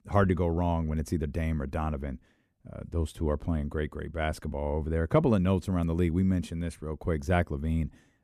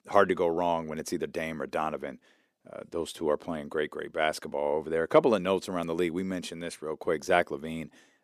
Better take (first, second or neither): first